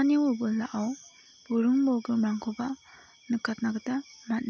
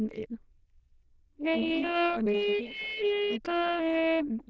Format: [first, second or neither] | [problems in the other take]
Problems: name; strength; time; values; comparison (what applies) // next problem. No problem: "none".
first | noise reduction (neural diffusion model UNIVERSE++)